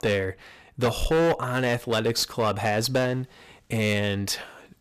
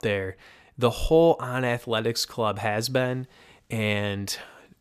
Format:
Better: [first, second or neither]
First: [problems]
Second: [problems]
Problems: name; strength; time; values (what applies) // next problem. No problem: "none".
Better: second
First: distortion; heavy; 10% of the sound clipped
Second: none